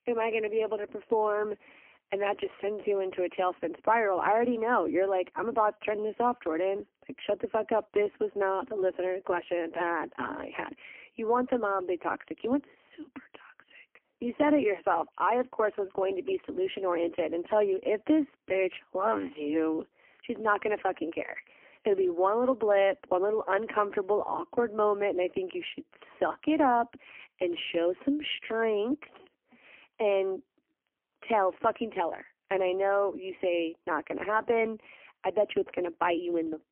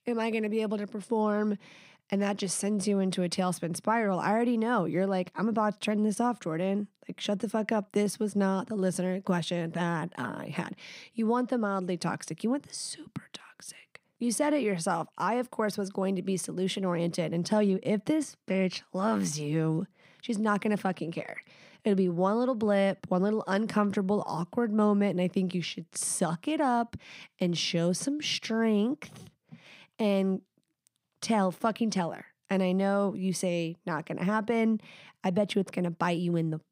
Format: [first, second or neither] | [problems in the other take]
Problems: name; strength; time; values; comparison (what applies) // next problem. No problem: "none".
second | phone-call audio; poor line; nothing above 3 kHz